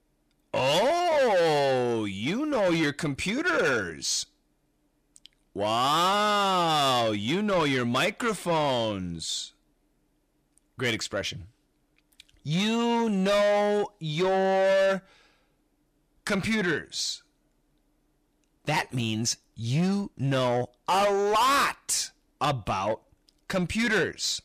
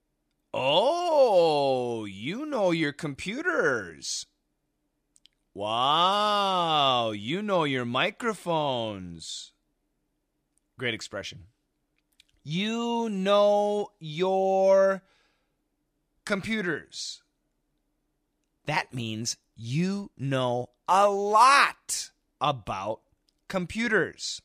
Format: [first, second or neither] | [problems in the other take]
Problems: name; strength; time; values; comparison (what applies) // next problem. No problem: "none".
second | distortion; heavy; 7 dB below the speech